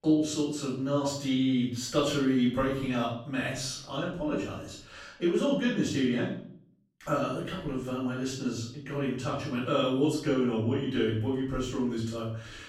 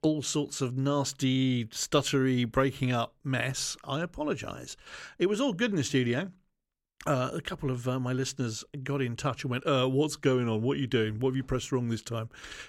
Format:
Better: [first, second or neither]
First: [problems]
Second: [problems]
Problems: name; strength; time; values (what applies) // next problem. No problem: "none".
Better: second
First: off-mic speech; far // room echo; noticeable; dies away in 0.5 s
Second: none